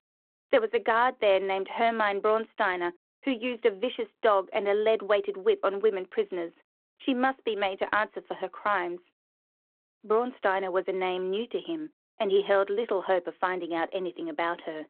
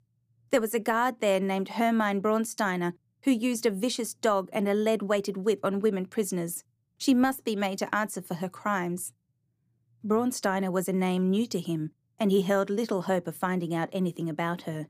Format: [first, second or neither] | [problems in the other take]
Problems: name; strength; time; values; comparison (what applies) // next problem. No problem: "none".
second | phone-call audio